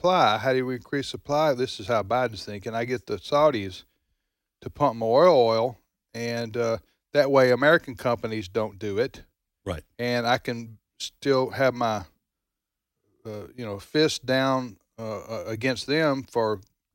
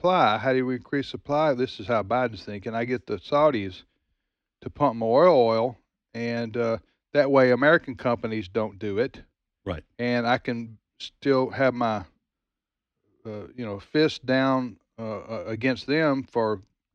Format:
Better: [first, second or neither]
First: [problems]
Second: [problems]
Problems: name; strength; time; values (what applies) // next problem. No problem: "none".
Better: first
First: none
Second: muffled; very slightly; fading above 3 kHz